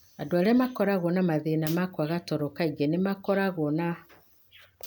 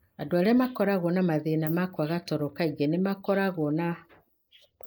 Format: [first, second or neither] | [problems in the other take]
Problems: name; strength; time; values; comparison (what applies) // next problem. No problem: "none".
first | noise reduction (neural mask model Resemble Enhance denoiser)